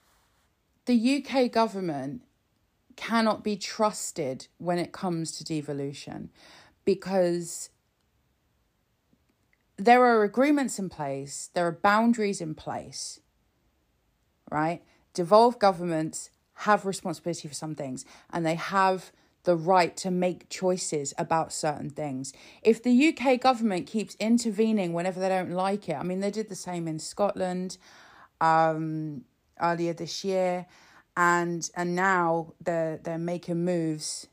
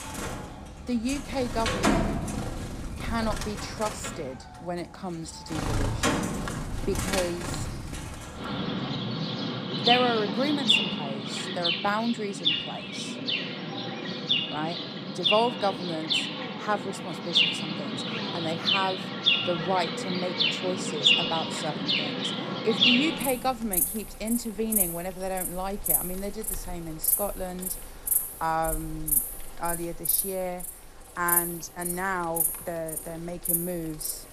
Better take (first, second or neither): first